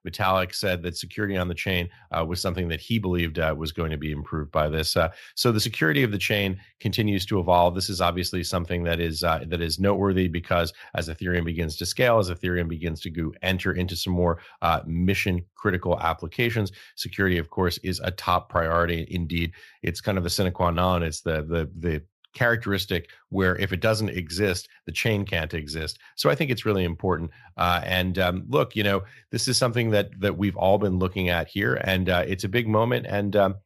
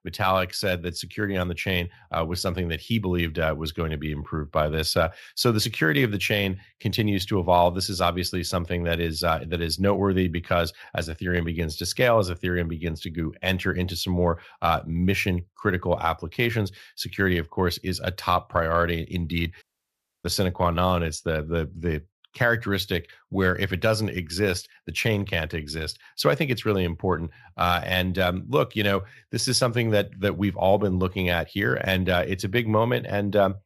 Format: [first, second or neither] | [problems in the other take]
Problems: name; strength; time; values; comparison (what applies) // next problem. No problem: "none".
first | audio cutting out; at 20 s for 0.5 s